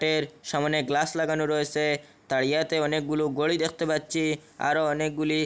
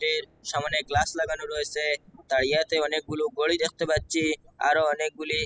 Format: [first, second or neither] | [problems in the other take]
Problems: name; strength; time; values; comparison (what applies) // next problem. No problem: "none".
first | noise reduction (classical method spectral subtraction)